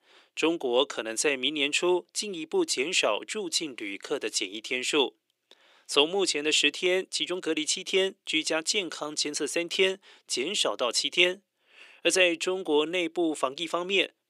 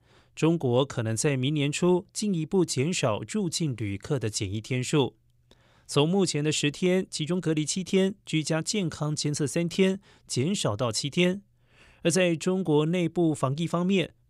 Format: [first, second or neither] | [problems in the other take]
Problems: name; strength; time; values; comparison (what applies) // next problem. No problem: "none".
second | thin; somewhat; fading below 300 Hz